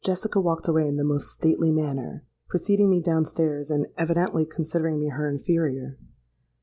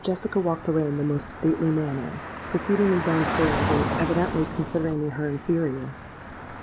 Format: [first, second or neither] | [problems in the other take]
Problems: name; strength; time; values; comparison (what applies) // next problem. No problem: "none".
first | background sound (Traffic noise, roadway noise / Car); 6 dB below the speech